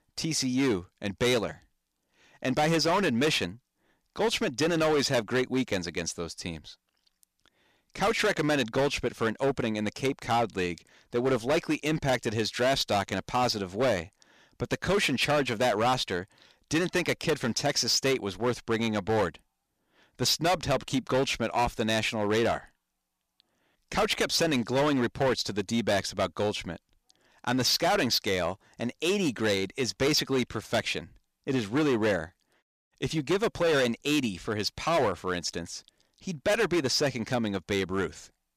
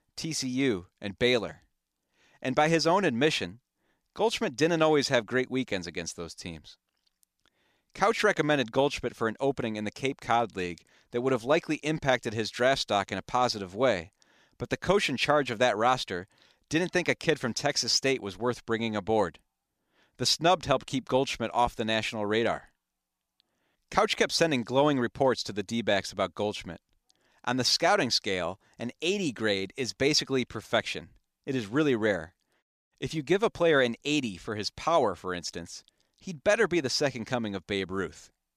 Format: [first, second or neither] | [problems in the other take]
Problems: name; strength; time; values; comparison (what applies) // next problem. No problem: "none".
second | distortion; heavy; 10% of the sound clipped